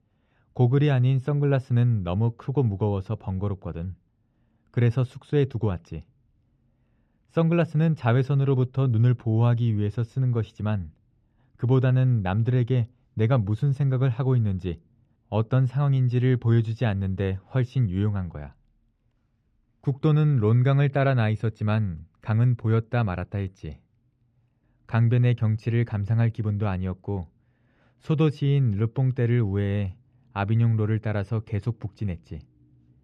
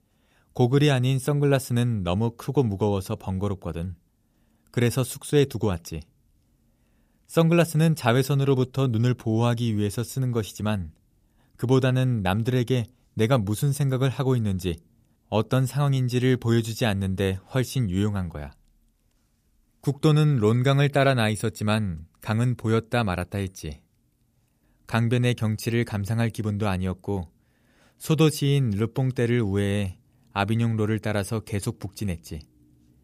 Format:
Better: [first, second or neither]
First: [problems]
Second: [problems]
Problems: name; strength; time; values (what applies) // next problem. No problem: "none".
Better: second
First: muffled; slightly; fading above 2.5 kHz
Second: none